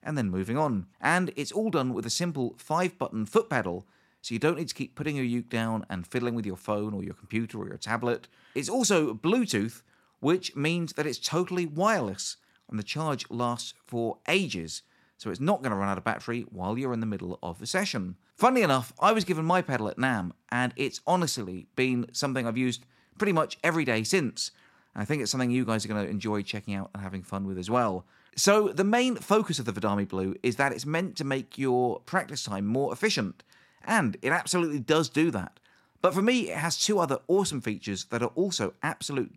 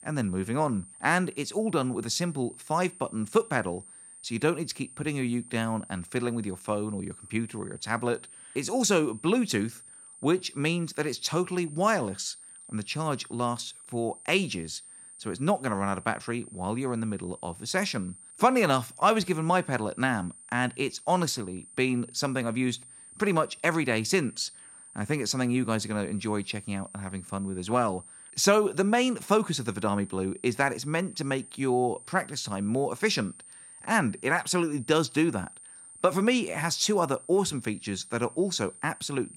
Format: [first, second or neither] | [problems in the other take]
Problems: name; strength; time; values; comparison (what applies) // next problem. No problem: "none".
first | high-pitched whine; noticeable; throughout; 9 kHz, 20 dB below the speech